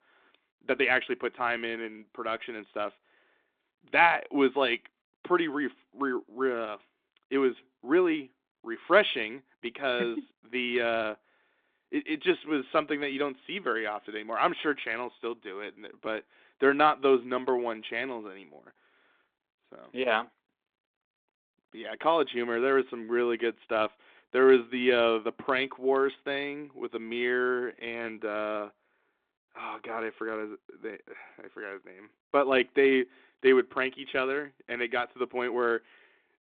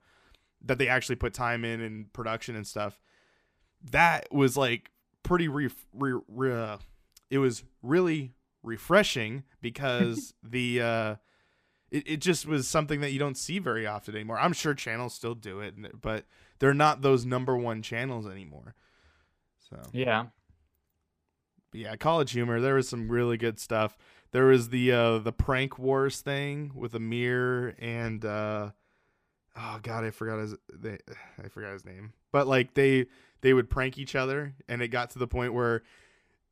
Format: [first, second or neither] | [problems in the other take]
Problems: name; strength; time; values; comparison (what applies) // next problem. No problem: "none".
second | phone-call audio